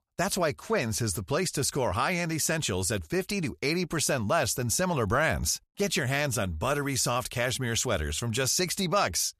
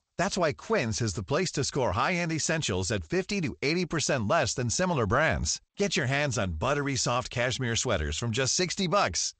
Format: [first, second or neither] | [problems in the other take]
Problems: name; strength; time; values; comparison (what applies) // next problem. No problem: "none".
first | garbled, watery; slightly; nothing above 8 kHz